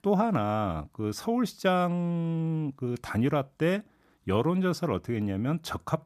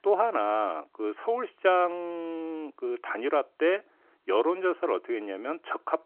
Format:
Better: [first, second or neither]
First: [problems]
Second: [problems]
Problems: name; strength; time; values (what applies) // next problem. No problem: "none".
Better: first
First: none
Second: phone-call audio